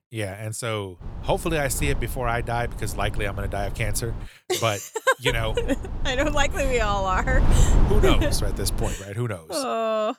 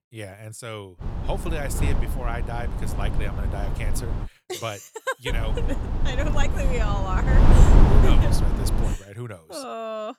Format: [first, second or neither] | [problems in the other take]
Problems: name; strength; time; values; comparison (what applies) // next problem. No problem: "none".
first | wind noise on the microphone; heavy; from 1 to 4.5 s and from 5.5 to 9 s; 1 dB below the speech; occasional gusts in the first